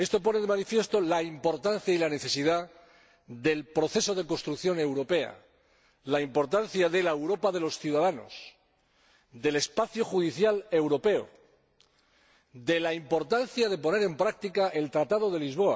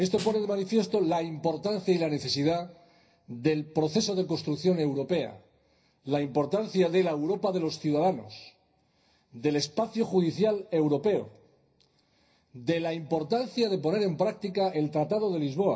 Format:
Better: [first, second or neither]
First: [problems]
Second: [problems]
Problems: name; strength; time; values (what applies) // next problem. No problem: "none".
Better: first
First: none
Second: background sound (Snare drum); 16 dB below the speech // room echo; dies away in 0.4 s